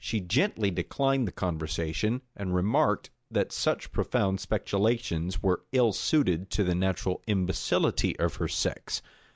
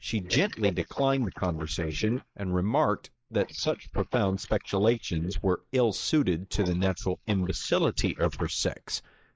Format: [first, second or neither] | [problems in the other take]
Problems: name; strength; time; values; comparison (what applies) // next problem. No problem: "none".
first | noise reduction (neural mask model Resemble Enhance denoiser)